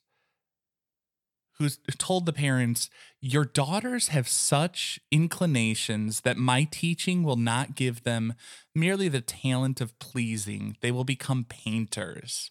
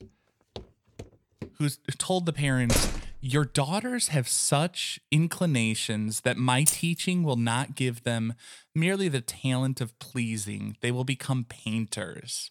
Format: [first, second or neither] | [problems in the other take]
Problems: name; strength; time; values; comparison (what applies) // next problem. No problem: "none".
first | footsteps; faint; until 1.5 s; peak 20 dB below the speech // door banging; loud; at 2.5 s; peak level with the speech // jangling keys; loud; at 6.5 s; peak 3 dB above the speech